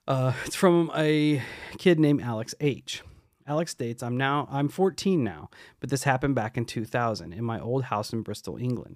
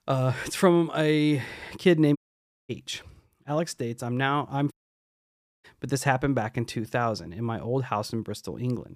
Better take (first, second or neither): first